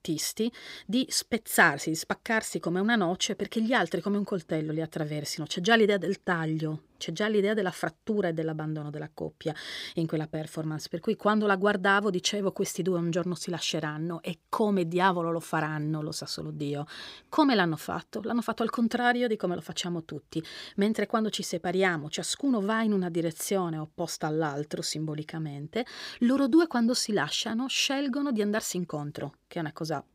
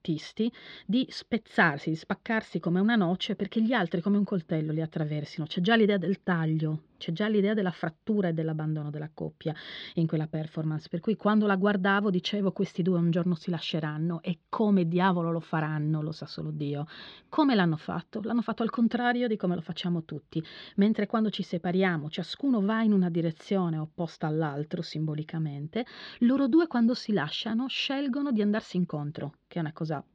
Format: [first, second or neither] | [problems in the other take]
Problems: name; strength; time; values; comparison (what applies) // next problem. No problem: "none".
first | muffled; slightly; fading above 4 kHz